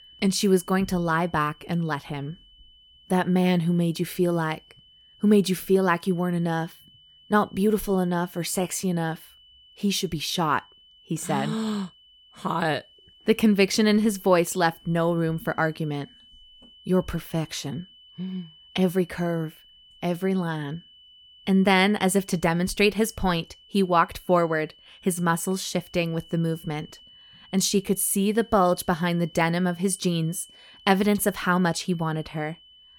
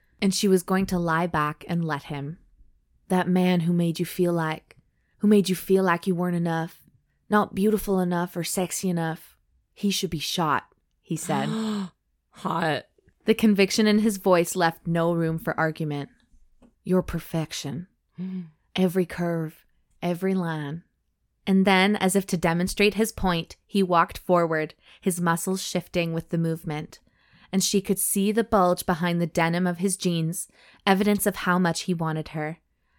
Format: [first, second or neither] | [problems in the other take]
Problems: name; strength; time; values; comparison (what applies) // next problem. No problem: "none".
second | high-pitched whine; faint; throughout; 3 kHz, 25 dB below the speech